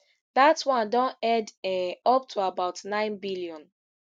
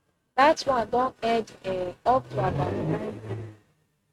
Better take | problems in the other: first | noise reduction (neural mask model RNNoise)

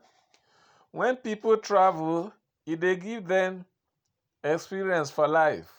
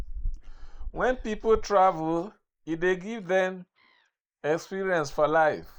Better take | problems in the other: first | noise reduction (neural mask model Resemble Enhance denoiser)

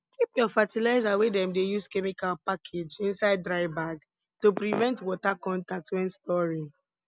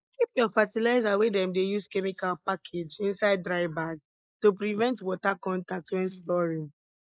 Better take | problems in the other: first | noise reduction (neural mask model Resemble Enhance denoiser)

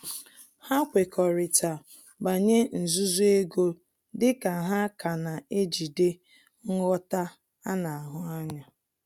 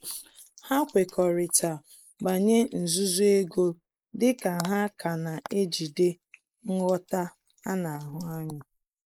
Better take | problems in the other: first | noise reduction (neural mask model Resemble Enhance denoiser)

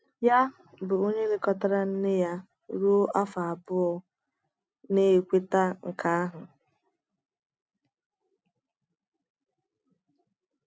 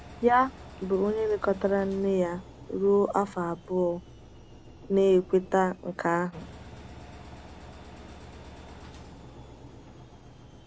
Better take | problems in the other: first | background sound (Engine); 17 dB below the speech

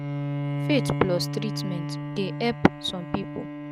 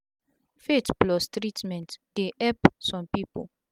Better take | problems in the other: second | background sound (Bowed string instrument); 2 dB below the speech

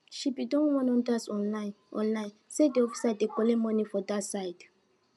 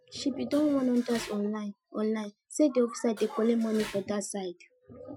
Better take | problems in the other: first | noise reduction (classical method Wiener filter)

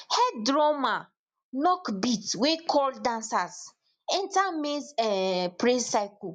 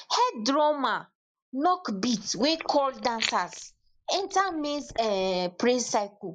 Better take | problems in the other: first | noise reduction (neural mask model Resemble Enhance denoiser)

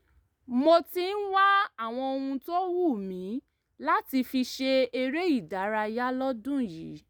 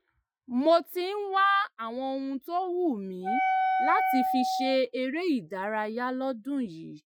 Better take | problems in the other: first | noise reduction (classical method Wiener filter)

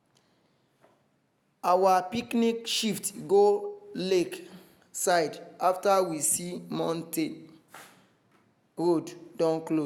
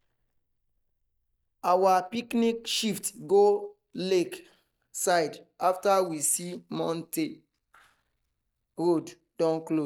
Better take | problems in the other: first | noise reduction (neural mask model DeepFilterNet 3)

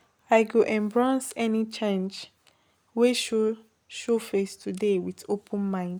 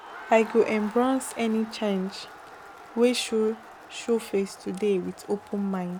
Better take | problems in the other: first | background sound (Crowd); 17 dB below the speech

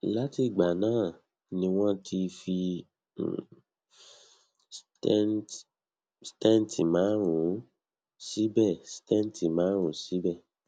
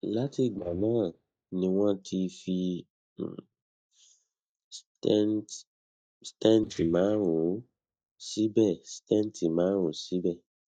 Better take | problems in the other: first | noise reduction (neural mask model DeepFilterNet 3)

